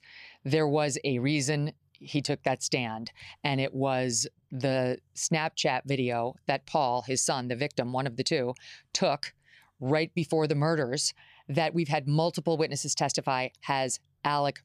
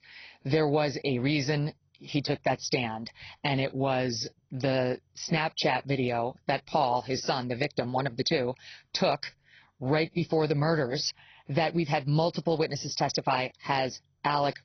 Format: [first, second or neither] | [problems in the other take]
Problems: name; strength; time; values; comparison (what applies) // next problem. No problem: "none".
first | garbled, watery; badly; nothing above 6 kHz